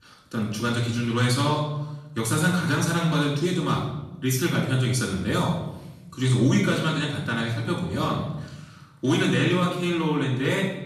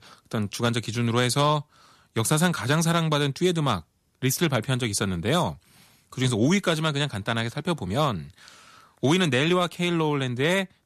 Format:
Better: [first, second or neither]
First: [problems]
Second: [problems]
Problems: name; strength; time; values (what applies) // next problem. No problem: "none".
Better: second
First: off-mic speech; far // room echo; noticeable; dies away in 0.9 s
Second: none